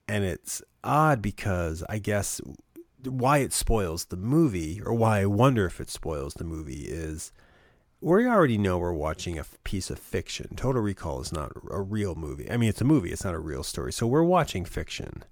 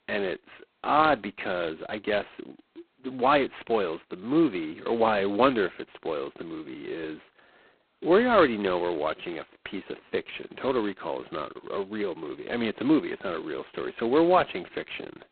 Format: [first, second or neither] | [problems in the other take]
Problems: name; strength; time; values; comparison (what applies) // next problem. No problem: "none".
first | phone-call audio; poor line; nothing above 4 kHz